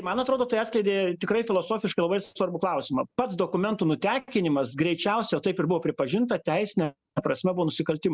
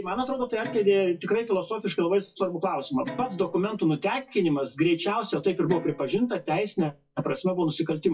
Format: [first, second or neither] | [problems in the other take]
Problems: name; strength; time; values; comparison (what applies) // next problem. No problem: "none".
first | noise reduction (classical method WPE with log-MMSE)